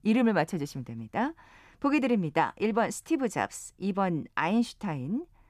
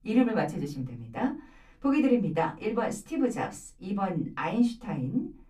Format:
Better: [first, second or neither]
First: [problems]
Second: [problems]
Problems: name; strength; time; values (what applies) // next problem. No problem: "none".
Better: first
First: none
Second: off-mic speech; far // room echo; very slight; dies away in 0.3 s